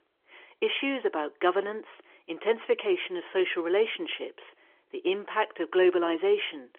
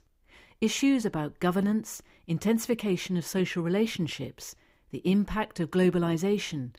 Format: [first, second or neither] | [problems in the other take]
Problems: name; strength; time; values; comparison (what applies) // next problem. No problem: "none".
second | phone-call audio; nothing above 3.5 kHz